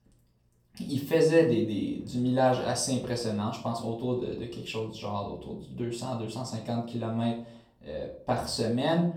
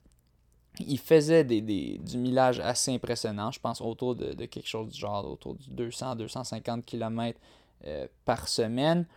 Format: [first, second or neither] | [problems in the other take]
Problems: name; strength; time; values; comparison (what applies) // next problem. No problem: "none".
second | off-mic speech; far // room echo; slight; dies away in 0.4 s